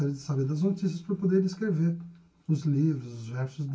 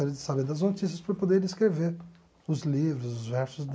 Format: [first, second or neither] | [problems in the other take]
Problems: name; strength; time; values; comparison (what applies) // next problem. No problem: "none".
second | room echo; dies away in 0.1 s